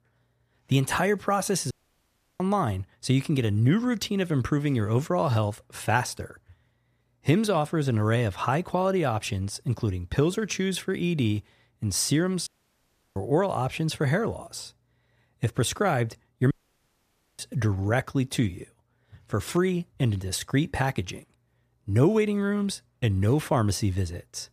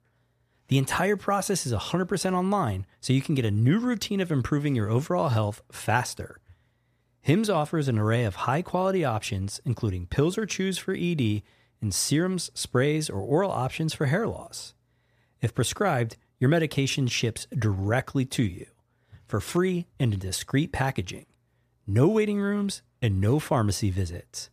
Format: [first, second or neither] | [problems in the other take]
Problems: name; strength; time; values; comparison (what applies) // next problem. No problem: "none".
second | audio cutting out; at 1.5 s for 0.5 s, at 12 s for 0.5 s and at 17 s for 1 s